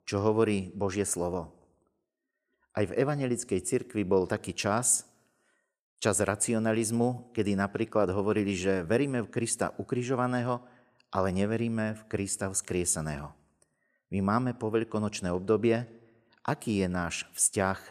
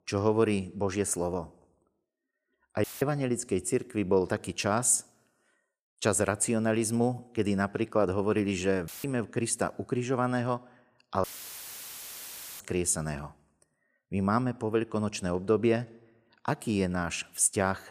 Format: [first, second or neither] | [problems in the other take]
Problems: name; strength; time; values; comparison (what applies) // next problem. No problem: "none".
first | audio cutting out; filled with static; at 3 s, at 9 s and at 11 s for 1.5 s